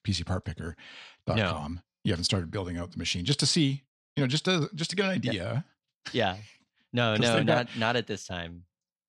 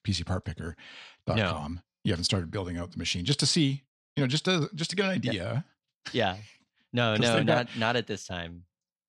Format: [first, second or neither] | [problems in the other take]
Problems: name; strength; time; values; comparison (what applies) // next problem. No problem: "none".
neither | none